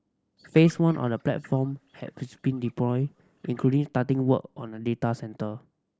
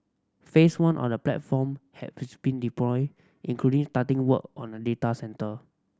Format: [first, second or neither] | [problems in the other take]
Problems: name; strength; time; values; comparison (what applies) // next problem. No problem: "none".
second | noise reduction (neural mask model Resemble Enhance denoiser)